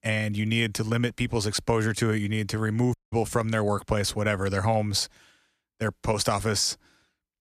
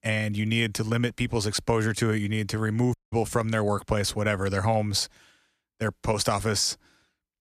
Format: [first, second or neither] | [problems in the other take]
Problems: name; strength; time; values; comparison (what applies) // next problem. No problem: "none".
neither | audio cutting out; at 3 s; the same in both